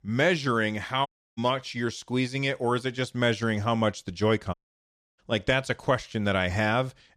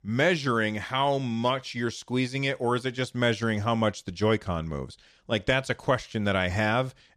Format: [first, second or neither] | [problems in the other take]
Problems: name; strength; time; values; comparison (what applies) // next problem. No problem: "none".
second | audio cutting out; at 1 s and at 4.5 s for 0.5 s